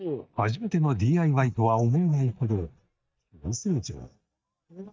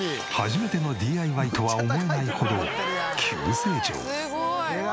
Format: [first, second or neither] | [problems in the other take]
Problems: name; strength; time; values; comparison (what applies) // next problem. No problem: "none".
second | noise reduction (neural mask model DeepFilterNet 3)